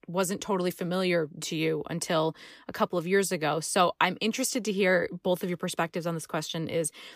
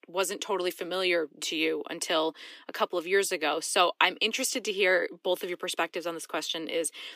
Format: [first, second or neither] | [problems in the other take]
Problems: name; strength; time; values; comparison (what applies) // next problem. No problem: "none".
first | thin; somewhat; fading below 300 Hz